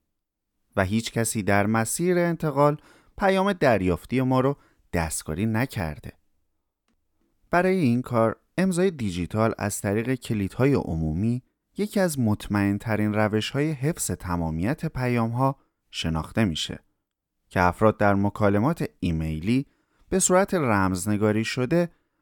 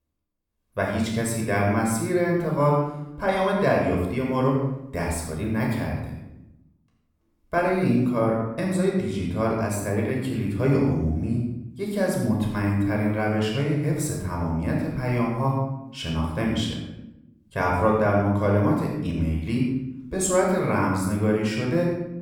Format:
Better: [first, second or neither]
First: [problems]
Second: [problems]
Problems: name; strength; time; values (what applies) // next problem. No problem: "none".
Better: first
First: none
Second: off-mic speech; somewhat distant // room echo; noticeable; dies away in 0.8 s